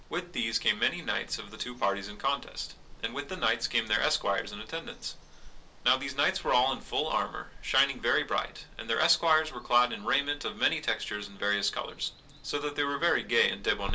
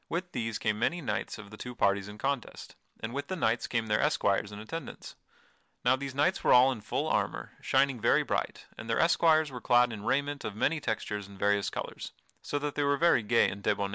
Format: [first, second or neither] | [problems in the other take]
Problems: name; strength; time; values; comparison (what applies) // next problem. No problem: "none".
second | background sound (Water); 15 dB below the speech // room echo; dies away in 0.2 s